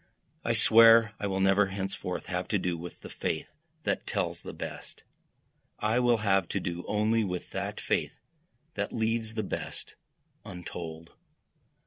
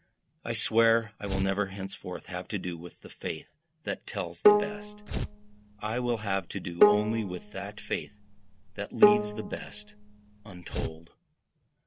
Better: first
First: none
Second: background sound (Bowed string instrument + Tearing); 4 dB above the speech

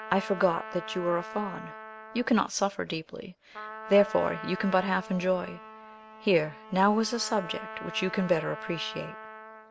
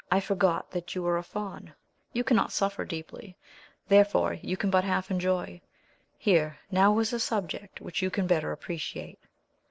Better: second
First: background sound (Trumpet); 13 dB below the speech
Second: none

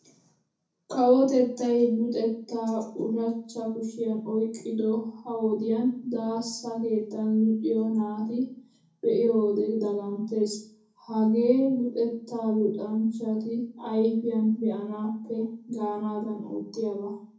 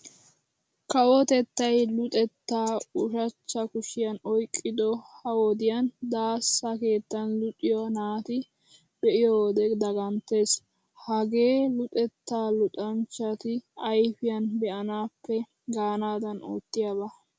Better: second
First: room echo; dies away in 0.6 s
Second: none

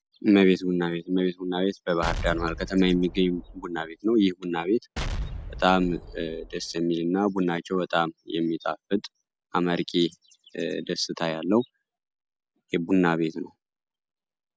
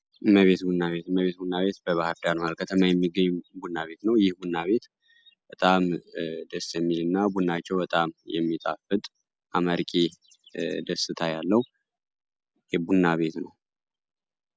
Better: second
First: background sound (Explosion); 9 dB below the speech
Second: none

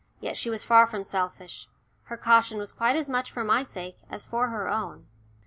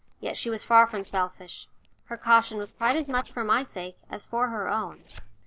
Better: first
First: none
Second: noise reduction (neural separator model SepFormer DNS4)

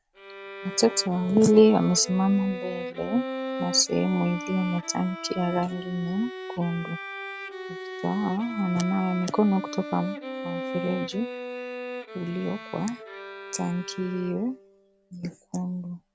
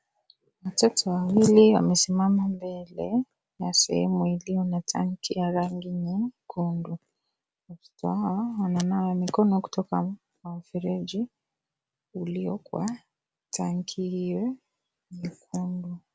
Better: second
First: background sound (Bowed string instrument); 10 dB below the speech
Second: none

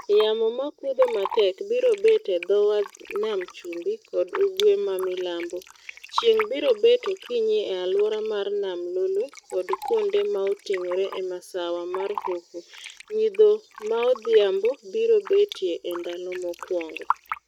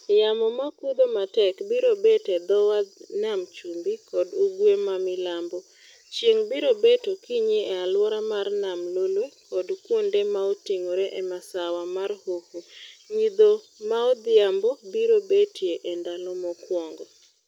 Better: second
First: noise reduction (neural mask model RNNoise)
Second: none

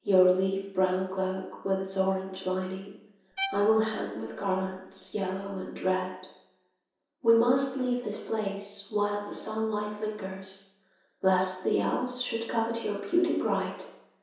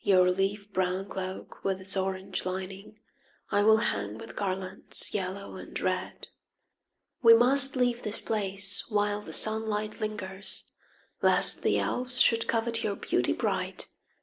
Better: second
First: background sound (Bowed string instrument); 13 dB below the speech // room echo; dies away in 0.7 s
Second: none

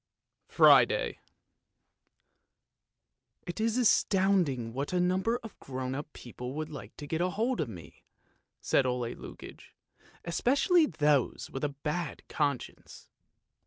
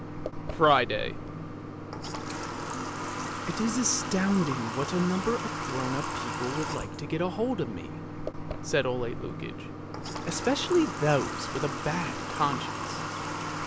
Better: first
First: none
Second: background sound (Water tap, faucet / Water); 4 dB below the speech

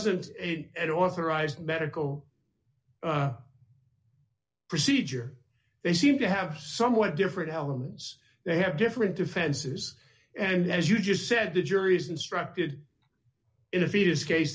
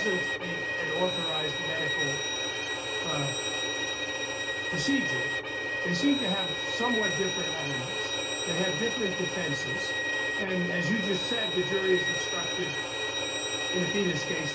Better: first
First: none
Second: background sound (Bowed string instrument); 2 dB above the speech // room echo; dies away in 0.2 s

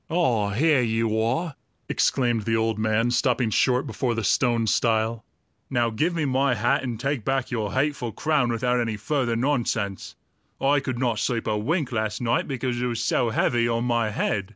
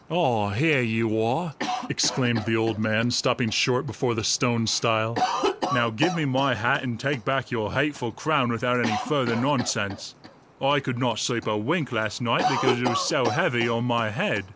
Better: first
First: none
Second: background sound (Cough); 8 dB below the speech

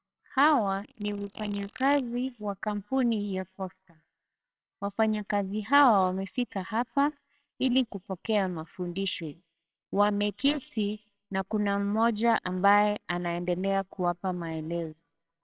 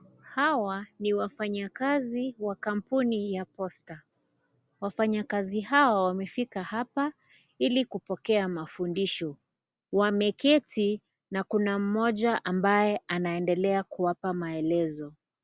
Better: second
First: noise reduction (neural separator model SepFormer WHAMR!)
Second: none

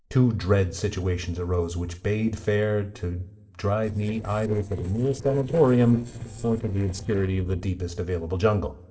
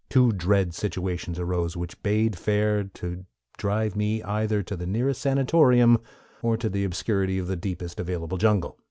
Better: second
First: noise reduction (neural separator model SepFormer DNS4)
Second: none

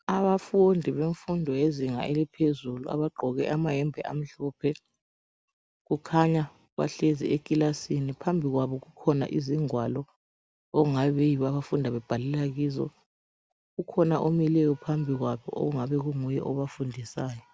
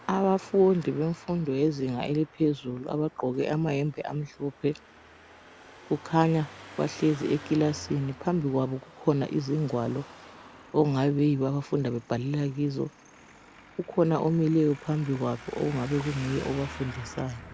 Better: first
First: none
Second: background sound (Traffic noise, roadway noise); 19 dB below the speech

